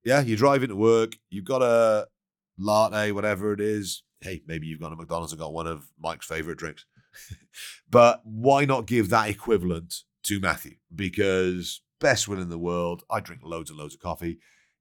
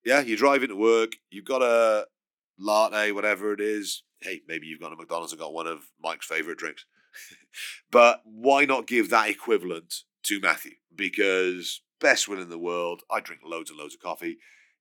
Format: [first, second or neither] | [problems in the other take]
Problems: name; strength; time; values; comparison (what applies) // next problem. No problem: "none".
first | thin; very slightly; fading below 300 Hz